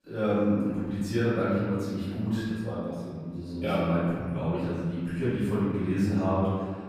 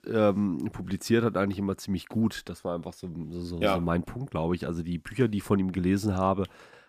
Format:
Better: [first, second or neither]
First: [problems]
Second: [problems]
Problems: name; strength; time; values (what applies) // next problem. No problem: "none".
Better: second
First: room echo; strong; dies away in 1.7 s // off-mic speech; far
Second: none